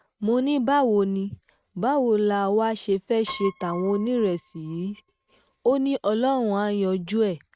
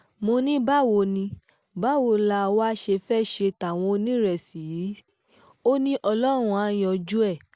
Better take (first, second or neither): second